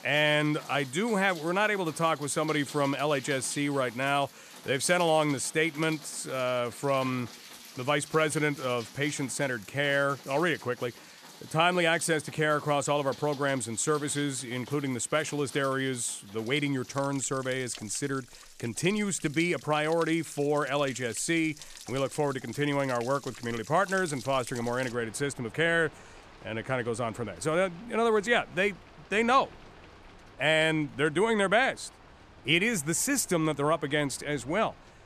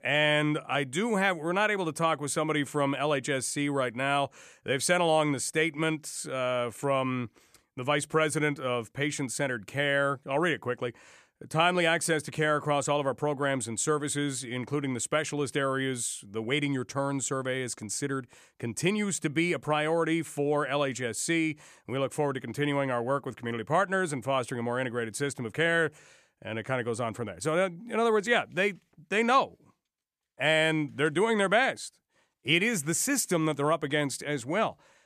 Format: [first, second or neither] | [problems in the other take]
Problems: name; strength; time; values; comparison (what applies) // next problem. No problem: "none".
second | rain or running water; noticeable; throughout; 20 dB below the speech